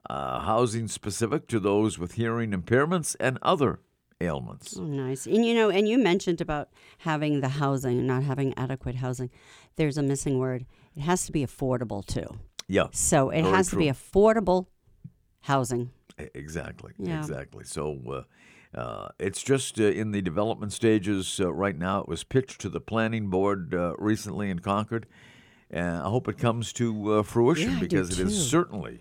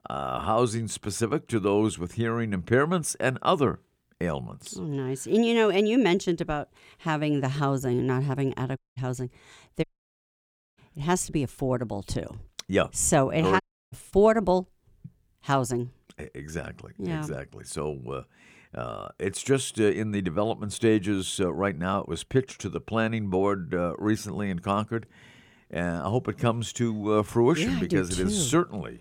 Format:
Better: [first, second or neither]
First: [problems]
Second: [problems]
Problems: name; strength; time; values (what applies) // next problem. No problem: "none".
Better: first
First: none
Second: audio cutting out; at 9 s, at 10 s for 1 s and at 14 s